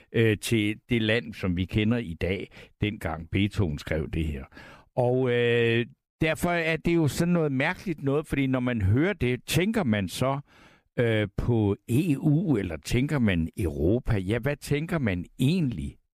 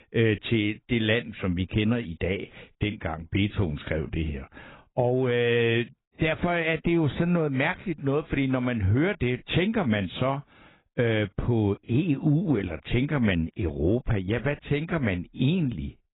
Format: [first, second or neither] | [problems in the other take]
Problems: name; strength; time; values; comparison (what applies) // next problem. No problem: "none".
first | garbled, watery; badly; nothing above 4 kHz